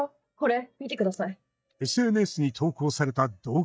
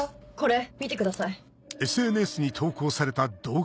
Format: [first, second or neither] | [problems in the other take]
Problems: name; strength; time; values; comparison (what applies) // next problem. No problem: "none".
second | noise reduction (neural mask model DeepFilterNet 3)